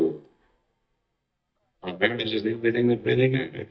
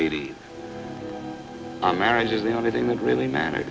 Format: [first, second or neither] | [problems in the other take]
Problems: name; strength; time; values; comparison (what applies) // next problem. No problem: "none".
second | noise reduction (neural mask model DeepFilterNet 3)